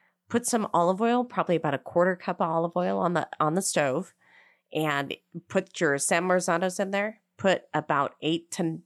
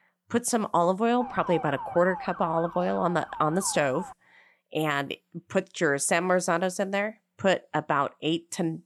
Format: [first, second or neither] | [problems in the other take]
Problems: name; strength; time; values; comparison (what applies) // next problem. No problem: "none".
first | siren; noticeable; from 1 to 4 s; peak 9 dB below the speech